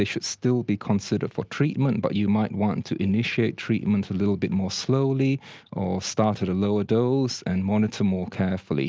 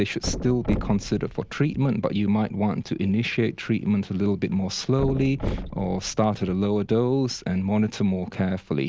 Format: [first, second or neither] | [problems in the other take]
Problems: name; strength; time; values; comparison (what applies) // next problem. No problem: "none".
first | background sound (Thump, thud); 12 dB below the speech